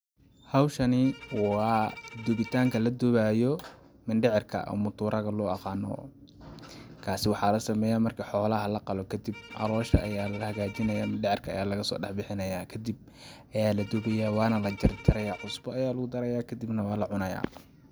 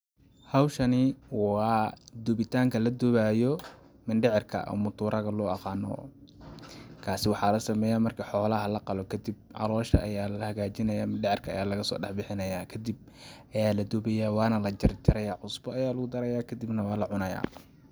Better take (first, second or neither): second